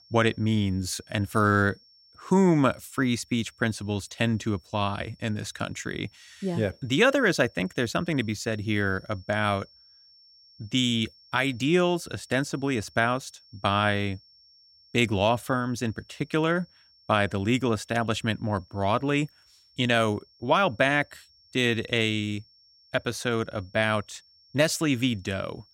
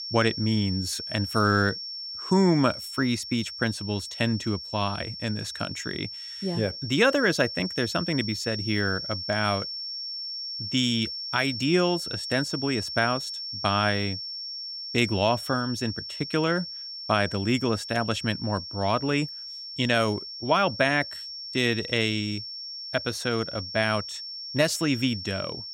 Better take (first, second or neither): first